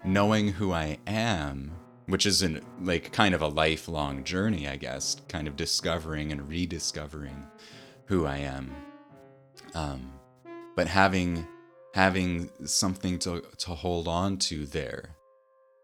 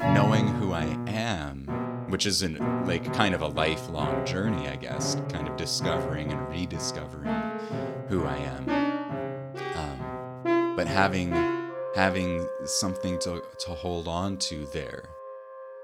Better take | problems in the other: first | background music; loud; throughout; 2 dB below the speech; faint in the first

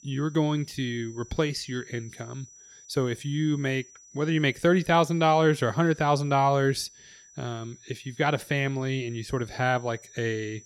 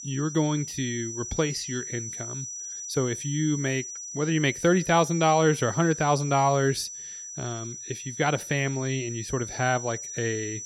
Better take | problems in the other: first | high-pitched whine; loud; throughout; 6 kHz, 9 dB below the speech; faint in the first

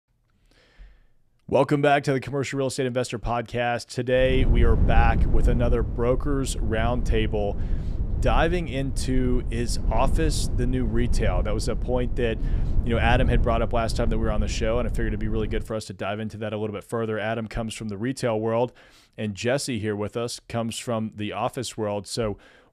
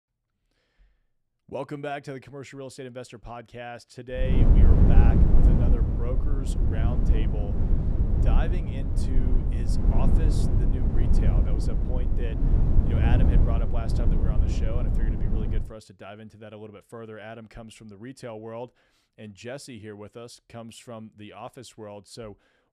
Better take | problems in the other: first | wind noise on the microphone; heavy; from 4.5 to 16 s; 2 dB above the speech; occasional gusts in the first

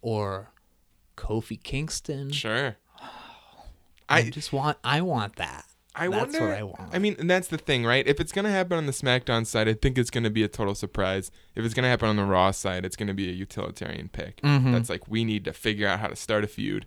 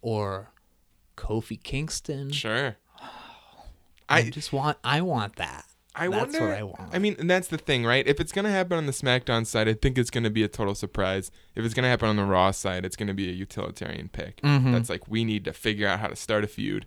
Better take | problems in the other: neither | none

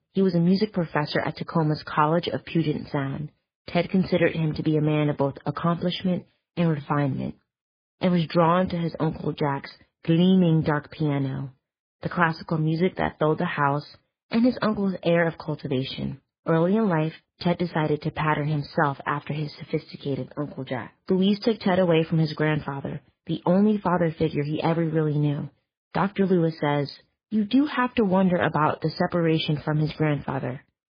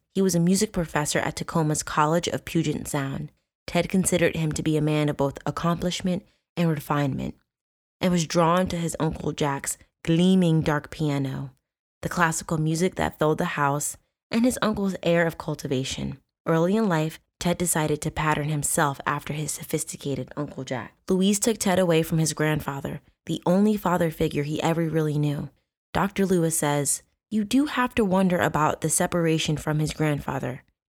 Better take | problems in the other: second | garbled, watery; badly; nothing above 5 kHz

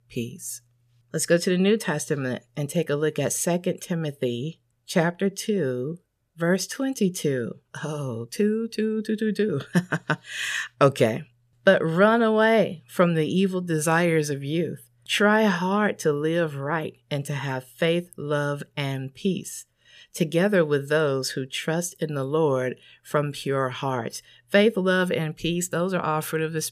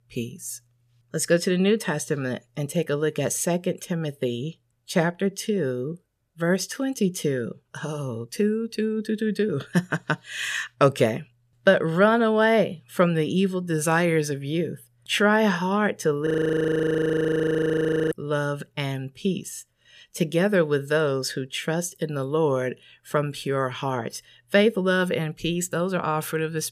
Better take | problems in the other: first | audio freezing; at 16 s for 2 s

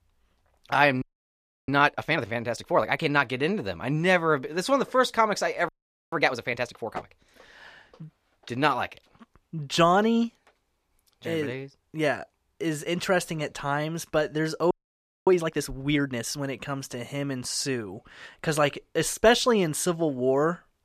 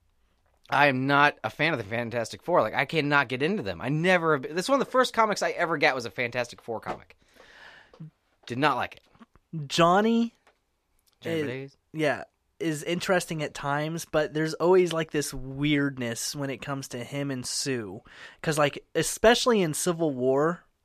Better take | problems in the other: second | audio freezing; at 1 s for 0.5 s, at 5.5 s and at 15 s for 0.5 s

